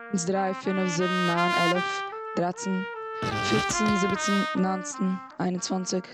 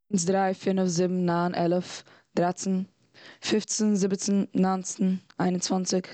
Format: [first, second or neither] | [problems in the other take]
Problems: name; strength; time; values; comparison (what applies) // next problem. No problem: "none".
second | background sound (Trumpet + Fart); 3 dB below the speech